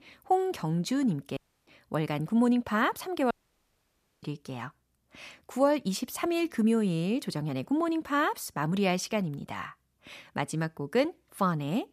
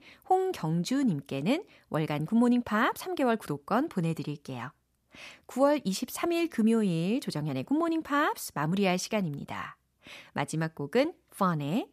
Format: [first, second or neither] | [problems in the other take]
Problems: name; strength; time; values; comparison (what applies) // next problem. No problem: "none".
second | audio cutting out; at 1.5 s and at 3.5 s for 1 s